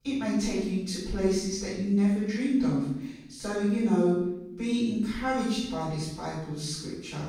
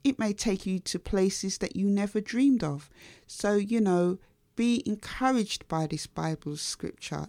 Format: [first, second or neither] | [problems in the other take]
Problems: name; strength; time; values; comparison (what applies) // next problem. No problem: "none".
second | off-mic speech; far // room echo; strong; dies away in 0.8 s